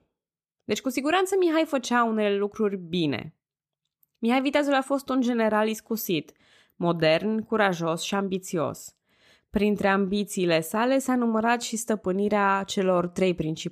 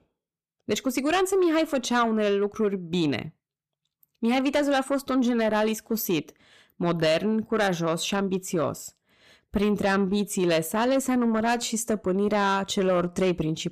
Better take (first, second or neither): first